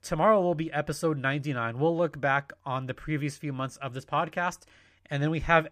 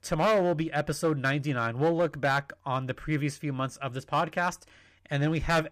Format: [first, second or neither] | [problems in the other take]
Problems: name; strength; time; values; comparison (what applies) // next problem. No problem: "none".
first | distortion; slight; 5% of the sound clipped